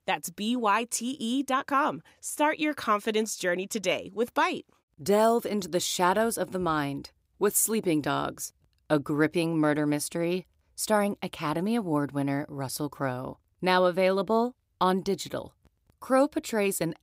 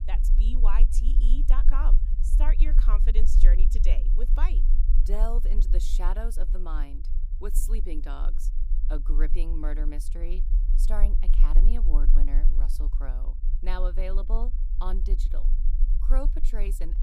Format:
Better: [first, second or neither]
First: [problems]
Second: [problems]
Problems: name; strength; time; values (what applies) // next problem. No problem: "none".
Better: first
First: none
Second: low rumble; noticeable; throughout; 10 dB below the speech